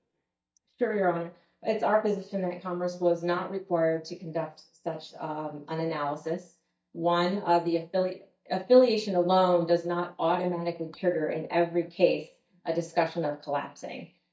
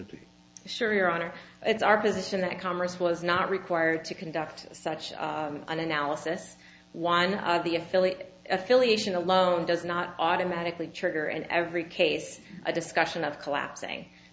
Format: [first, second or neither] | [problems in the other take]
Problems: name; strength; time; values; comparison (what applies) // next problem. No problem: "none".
second | noise reduction (neural mask model DeepFilterNet 3)